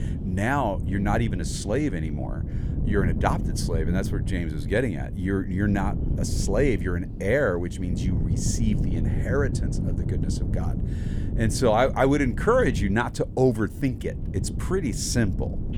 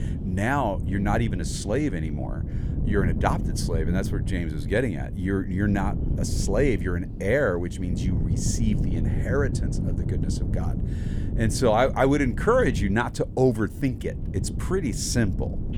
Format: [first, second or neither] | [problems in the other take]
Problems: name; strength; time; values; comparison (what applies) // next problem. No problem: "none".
neither | wind noise on the microphone; occasional gusts; 15 dB below the speech; the same in both